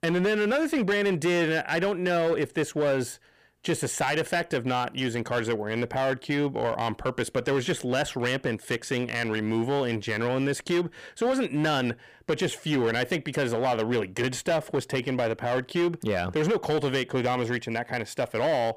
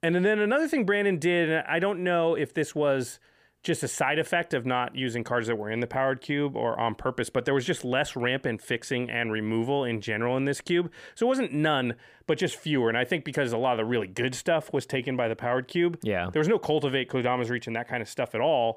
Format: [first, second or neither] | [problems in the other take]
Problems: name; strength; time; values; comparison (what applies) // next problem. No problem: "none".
second | distortion; slight; 11% of the sound clipped